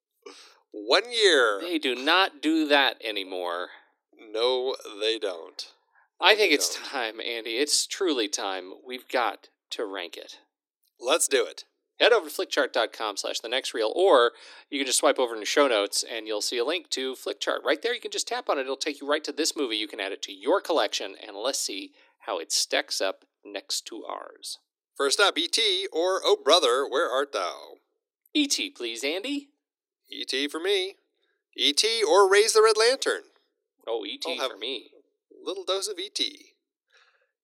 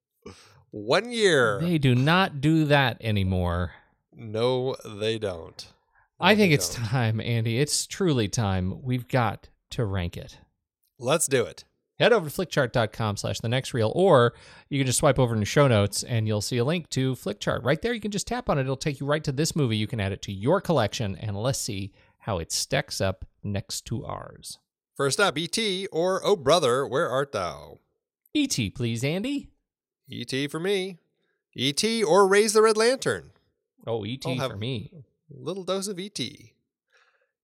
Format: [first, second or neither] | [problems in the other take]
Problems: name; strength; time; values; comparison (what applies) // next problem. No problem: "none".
second | thin; somewhat; fading below 300 Hz